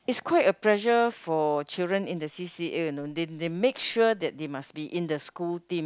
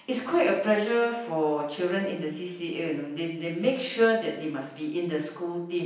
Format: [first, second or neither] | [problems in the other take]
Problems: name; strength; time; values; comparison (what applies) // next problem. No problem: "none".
first | room echo; dies away in 0.9 s